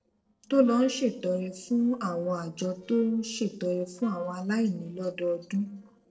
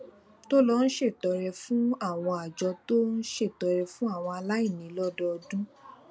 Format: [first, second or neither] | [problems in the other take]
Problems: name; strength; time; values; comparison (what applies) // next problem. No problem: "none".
second | noise reduction (neural separator model SepFormer DNS4)